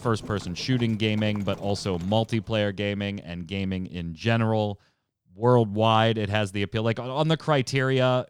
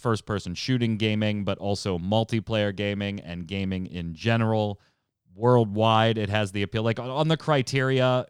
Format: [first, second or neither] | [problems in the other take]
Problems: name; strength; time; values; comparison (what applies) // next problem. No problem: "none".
second | animal sounds; noticeable; until 2 s; 20 dB below the speech